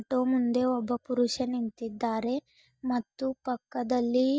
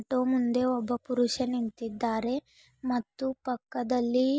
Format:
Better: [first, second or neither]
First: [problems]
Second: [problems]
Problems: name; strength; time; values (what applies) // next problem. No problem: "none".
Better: second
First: noise reduction (neural mask model DeepFilterNet 3)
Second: none